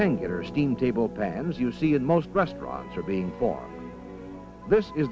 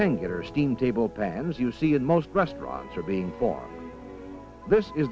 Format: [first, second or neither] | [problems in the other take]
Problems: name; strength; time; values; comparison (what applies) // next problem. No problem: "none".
second | background sound (Harp); 16 dB below the speech